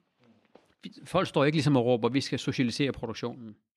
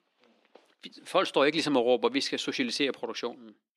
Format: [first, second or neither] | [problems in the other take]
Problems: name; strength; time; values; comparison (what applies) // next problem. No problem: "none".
first | thin; very slightly; fading below 300 Hz